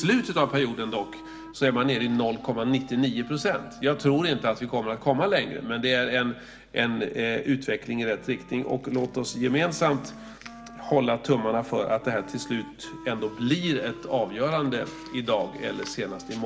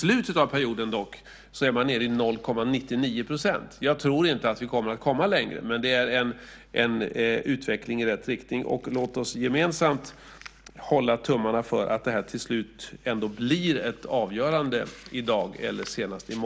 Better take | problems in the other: second | background sound (Wind instrument, woodwind instrument); 18 dB below the speech // room echo; dies away in 1.2 s

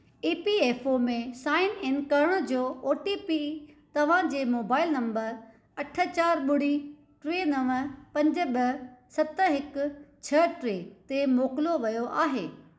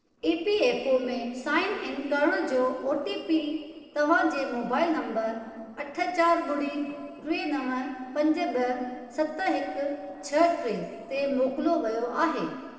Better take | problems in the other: first | noise reduction (neural separator model SepFormer DNS4)

